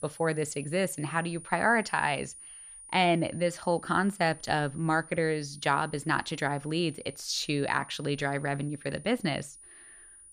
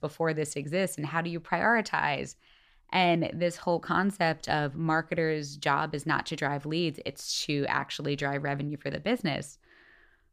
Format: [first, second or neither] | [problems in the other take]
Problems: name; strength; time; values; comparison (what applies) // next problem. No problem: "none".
second | high-pitched whine; noticeable; throughout; 9.5 kHz, 20 dB below the speech